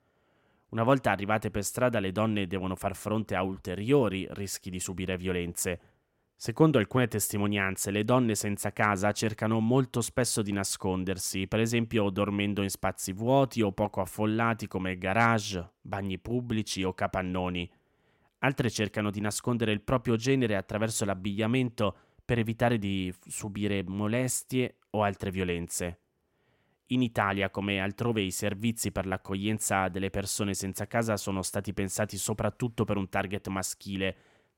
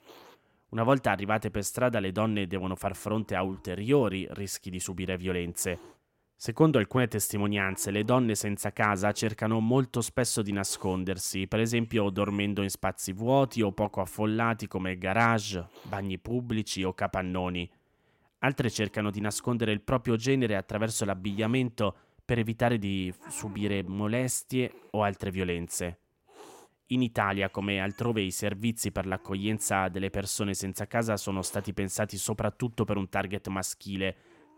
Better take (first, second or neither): first